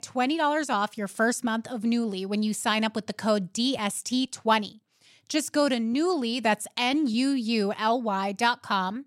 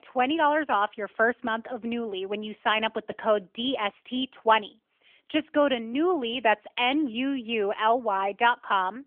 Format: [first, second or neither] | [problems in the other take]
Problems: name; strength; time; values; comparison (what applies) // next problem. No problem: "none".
first | phone-call audio; nothing above 3.5 kHz